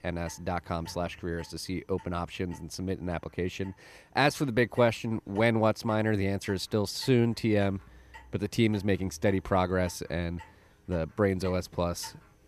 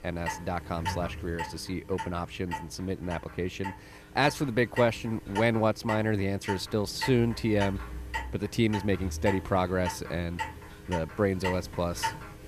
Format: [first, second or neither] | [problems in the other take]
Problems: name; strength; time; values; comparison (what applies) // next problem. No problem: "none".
first | household noises; loud; throughout; 9 dB below the speech; faint in the first